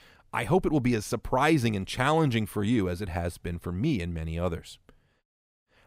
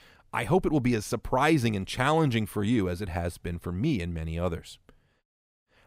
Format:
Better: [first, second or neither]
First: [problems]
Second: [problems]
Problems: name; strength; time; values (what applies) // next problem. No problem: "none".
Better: neither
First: none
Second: none